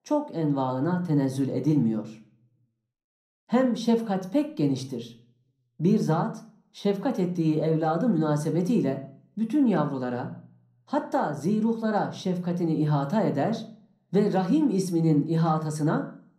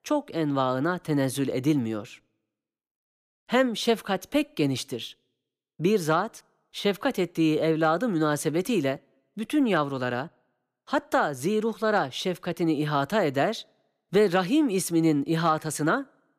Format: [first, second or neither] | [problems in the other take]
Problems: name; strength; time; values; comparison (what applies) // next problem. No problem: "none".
second | room echo; slight; dies away in 0.6 s // off-mic speech; somewhat distant